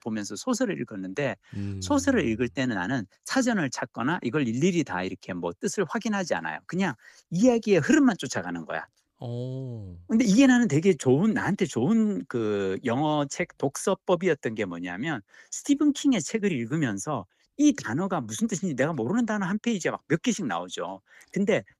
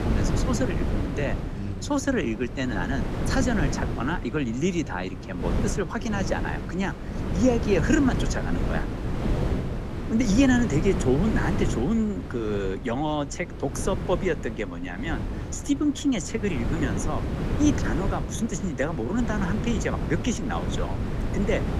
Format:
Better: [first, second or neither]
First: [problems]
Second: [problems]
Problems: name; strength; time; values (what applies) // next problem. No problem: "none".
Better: first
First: none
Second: wind noise on the microphone; heavy; 7 dB below the speech